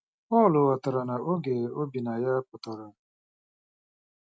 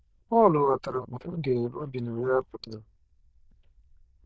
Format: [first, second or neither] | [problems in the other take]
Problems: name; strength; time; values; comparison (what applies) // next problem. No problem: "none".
first | noise reduction (neural diffusion model UNIVERSE++)